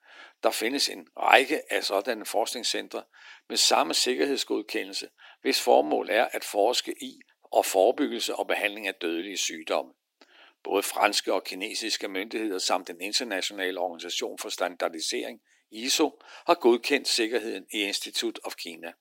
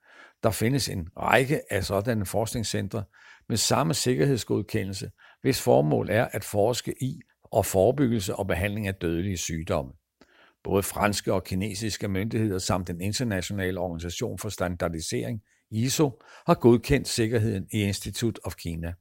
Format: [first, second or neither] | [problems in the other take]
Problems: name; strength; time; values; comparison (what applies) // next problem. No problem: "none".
second | thin; somewhat; fading below 300 Hz